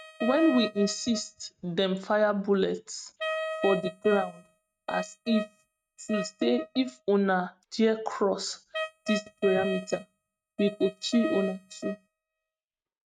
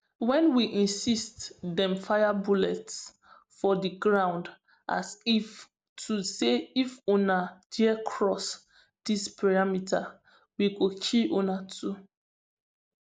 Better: second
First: noise reduction (neural mask model RNNoise)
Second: none

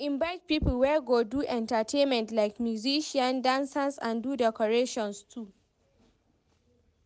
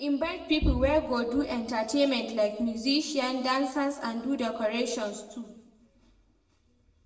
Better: first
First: none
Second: room echo; dies away in 0.9 s

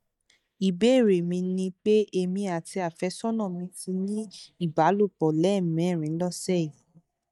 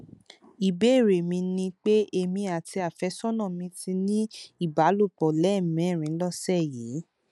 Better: second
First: noise reduction (neural mask model DeepFilterNet 3)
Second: none

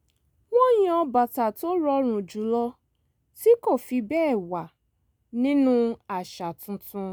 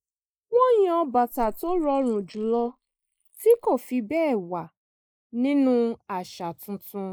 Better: first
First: none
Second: noise reduction (neural mask model Resemble Enhance denoiser)

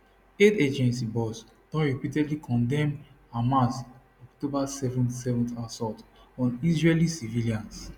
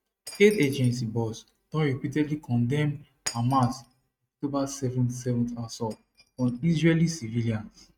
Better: first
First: none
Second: noise reduction (neural mask model RNNoise)

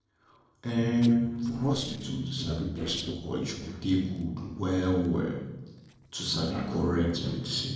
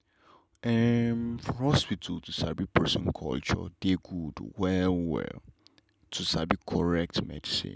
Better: second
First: noise reduction (neural separator model SepFormer DNS4)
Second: none

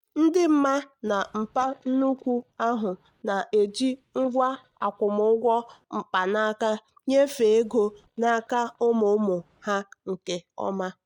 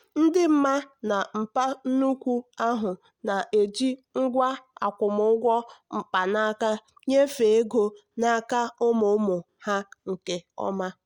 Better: second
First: noise reduction (neural mask model DeepFilterNet 3)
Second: none

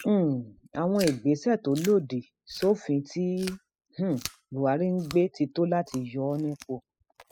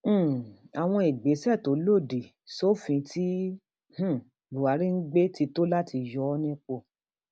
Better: second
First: noise reduction (classical method spectral subtraction)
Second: none

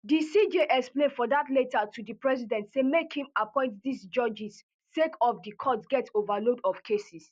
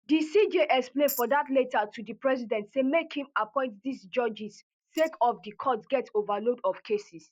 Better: first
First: none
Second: noise reduction (neural mask model DeepFilterNet 3)

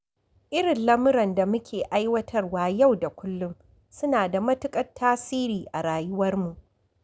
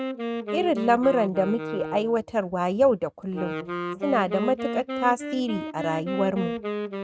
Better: first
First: none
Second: noise reduction (neural mask model RNNoise)

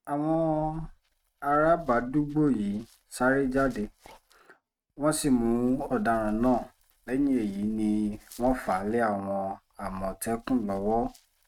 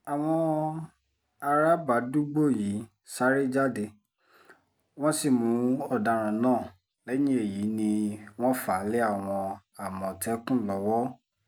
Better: second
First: noise reduction (neural mask model RNNoise)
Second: none

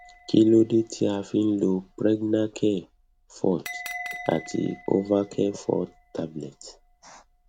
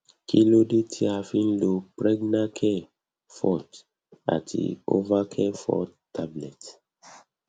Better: second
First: background sound (Bell); 18 dB below the speech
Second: none

